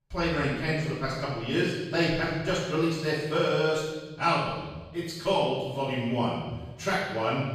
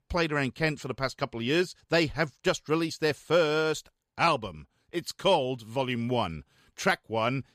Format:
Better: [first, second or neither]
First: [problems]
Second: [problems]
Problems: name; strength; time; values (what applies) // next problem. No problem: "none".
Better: second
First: off-mic speech; far // room echo; strong; dies away in 1.2 s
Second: none